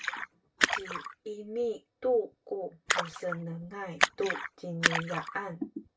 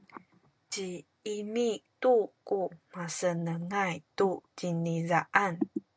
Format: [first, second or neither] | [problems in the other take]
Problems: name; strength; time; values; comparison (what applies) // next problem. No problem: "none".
second | background sound (Splash, splatter); 1 dB above the speech // room echo; dies away in 0.2 s